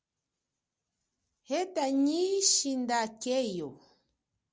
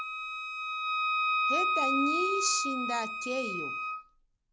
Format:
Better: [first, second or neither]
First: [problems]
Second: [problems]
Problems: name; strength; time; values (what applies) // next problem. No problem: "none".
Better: first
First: none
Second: background sound (Wind instrument, woodwind instrument); 5 dB above the speech